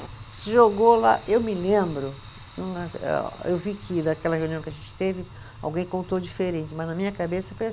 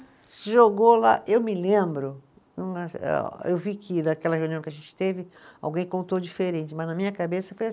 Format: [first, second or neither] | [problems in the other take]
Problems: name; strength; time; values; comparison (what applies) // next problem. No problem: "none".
second | background sound (Fire); 18 dB below the speech